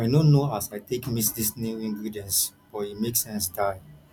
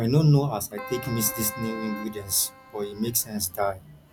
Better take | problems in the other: first | background sound (Keyboard (musical)); 14 dB below the speech

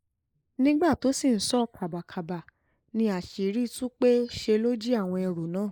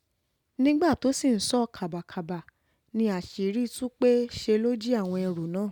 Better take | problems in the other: second | noise reduction (neural mask model Resemble Enhance denoiser)

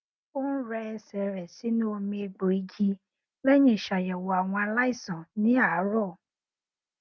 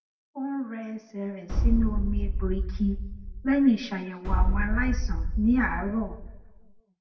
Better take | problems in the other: first | background sound (Boom); 2 dB above the speech // room echo; dies away in 0.7 s

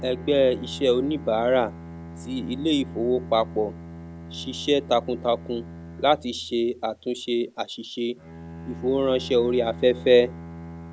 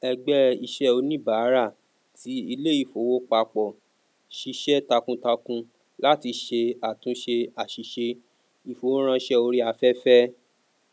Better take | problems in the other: second | background sound (Bowed string instrument); 14 dB below the speech

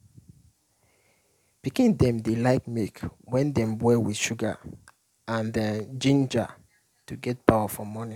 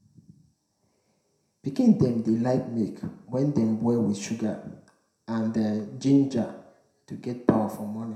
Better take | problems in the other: first | room echo; dies away in 0.6 s

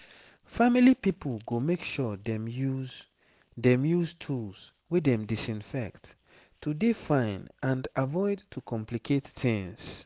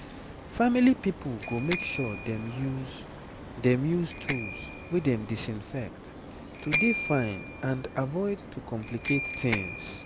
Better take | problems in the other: first | background sound (Bicycle bell); 7 dB below the speech

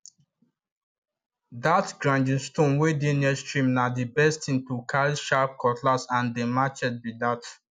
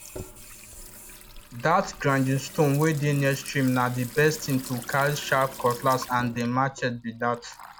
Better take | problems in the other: first | background sound (Sink (filling or washing) / Water tap, faucet); 16 dB below the speech

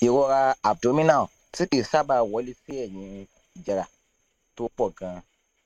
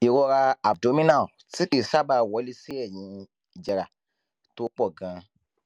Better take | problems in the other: second | noise reduction (neural mask model RNNoise)

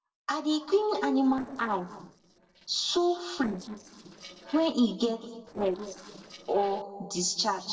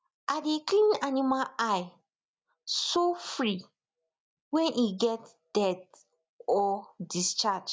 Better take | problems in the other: second | noise reduction (neural separator model SepFormer DNS4)

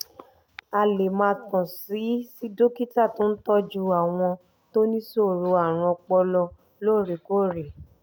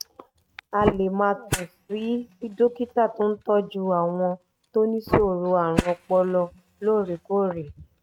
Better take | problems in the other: first | noise reduction (neural mask model RNNoise)

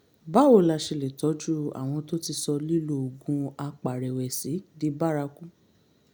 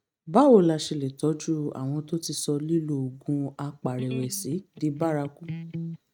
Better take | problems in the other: first | noise reduction (neural mask model RNNoise)

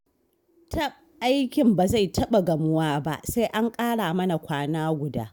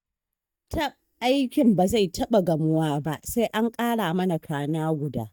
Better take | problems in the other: first | noise reduction (neural mask model DeepFilterNet 3)

